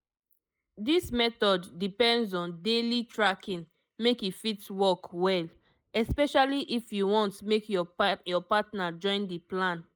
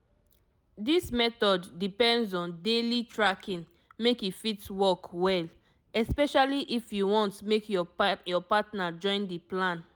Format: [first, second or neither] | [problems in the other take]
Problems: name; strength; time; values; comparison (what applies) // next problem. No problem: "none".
second | noise reduction (neural mask model Resemble Enhance denoiser)